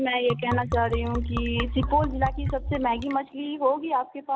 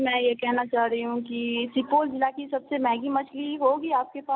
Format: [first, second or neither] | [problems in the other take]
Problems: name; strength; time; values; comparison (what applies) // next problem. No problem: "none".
second | background sound (Liquid); 4 dB below the speech